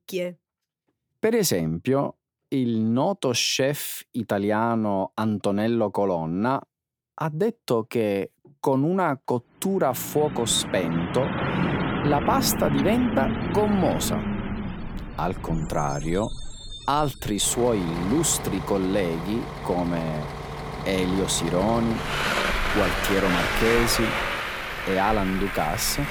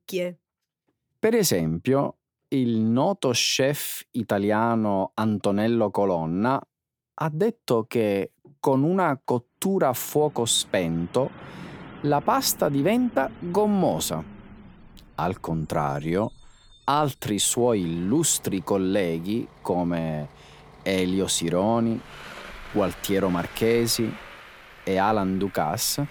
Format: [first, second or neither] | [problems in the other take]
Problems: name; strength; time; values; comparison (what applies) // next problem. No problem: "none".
second | traffic noise; loud; from 10 s on; 4 dB below the speech; faint in the second